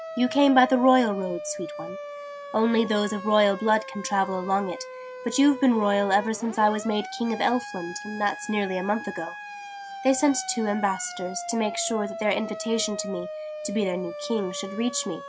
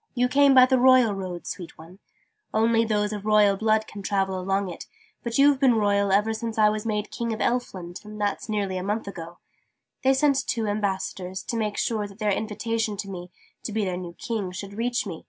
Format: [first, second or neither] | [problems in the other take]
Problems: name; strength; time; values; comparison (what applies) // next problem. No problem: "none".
second | background sound (Siren); 12 dB below the speech